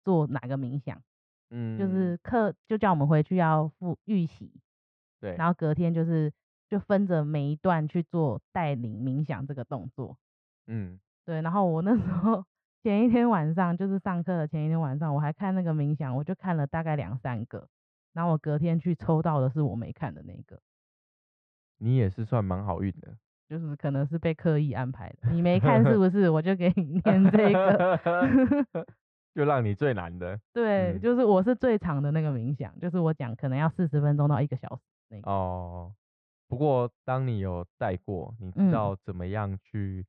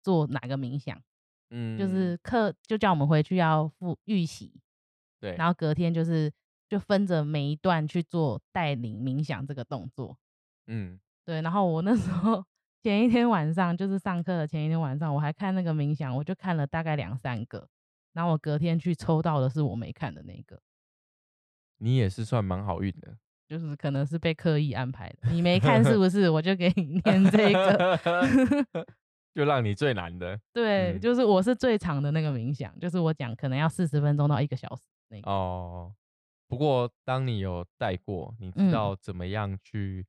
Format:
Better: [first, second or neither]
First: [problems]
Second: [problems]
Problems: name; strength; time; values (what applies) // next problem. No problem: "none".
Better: second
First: muffled; very; fading above 1.5 kHz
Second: none